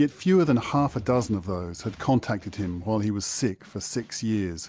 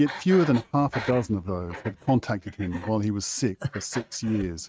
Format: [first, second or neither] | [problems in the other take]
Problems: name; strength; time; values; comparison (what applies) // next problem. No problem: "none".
first | noise reduction (neural mask model RNNoise)